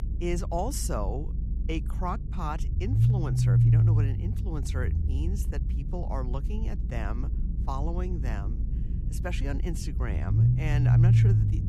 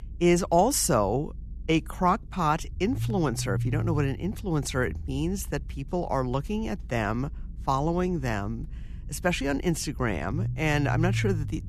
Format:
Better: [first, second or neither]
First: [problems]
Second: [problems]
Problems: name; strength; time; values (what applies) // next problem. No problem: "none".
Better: second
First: low rumble; loud; throughout; 3 dB below the speech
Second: low rumble; faint; throughout; 20 dB below the speech